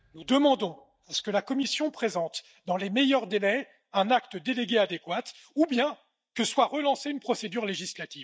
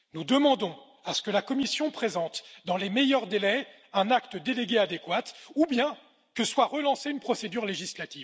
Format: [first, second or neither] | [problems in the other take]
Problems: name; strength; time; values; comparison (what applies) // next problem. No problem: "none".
second | noise reduction (neural mask model DeepFilterNet 3)